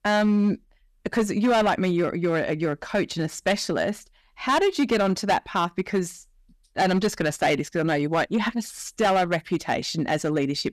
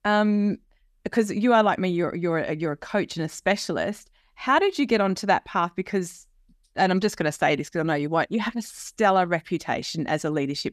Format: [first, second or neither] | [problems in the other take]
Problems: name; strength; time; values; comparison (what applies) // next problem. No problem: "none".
second | distortion; slight; 7% of the sound clipped